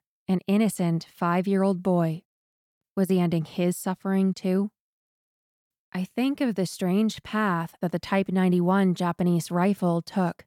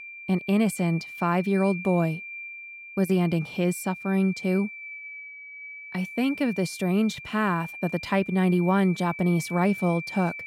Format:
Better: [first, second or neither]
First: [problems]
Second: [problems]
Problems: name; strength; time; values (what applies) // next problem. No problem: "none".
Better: first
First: none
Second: high-pitched whine; noticeable; throughout; 2.5 kHz, 10 dB below the speech